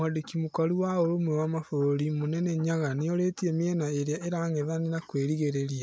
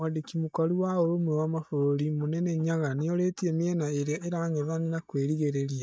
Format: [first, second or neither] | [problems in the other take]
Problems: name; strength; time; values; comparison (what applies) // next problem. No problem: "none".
first | noise reduction (neural mask model DeepFilterNet 3)